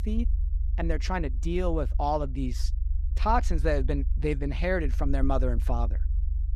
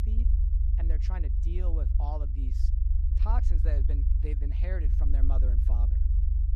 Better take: first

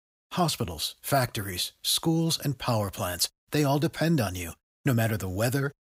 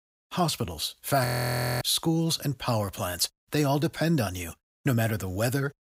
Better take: first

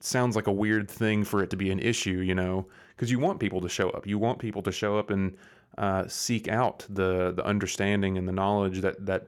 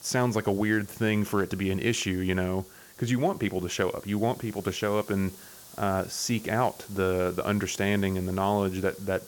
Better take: first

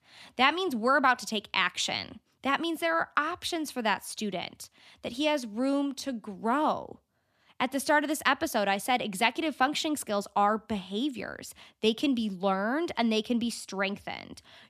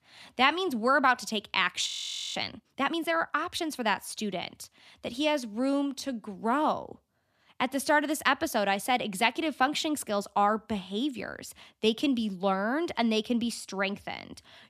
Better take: first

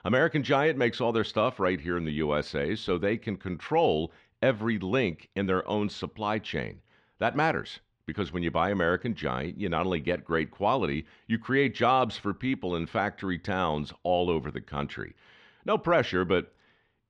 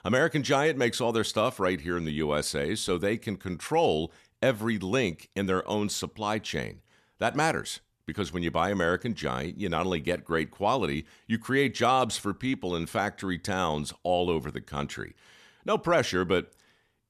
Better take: second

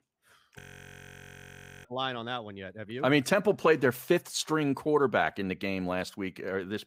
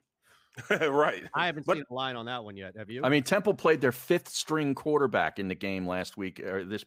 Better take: second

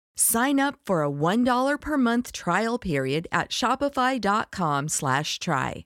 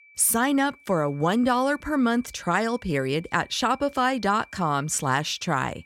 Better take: first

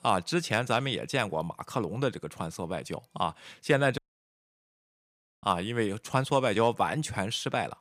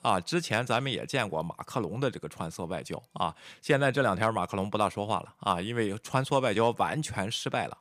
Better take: second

